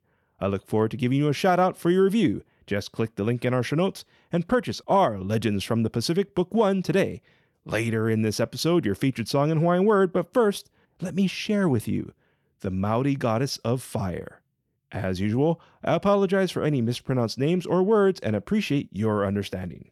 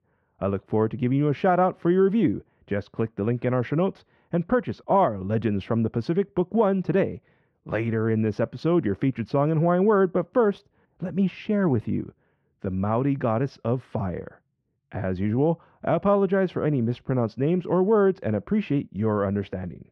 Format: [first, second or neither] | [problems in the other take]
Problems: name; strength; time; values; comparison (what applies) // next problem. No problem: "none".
first | muffled; very; fading above 1.5 kHz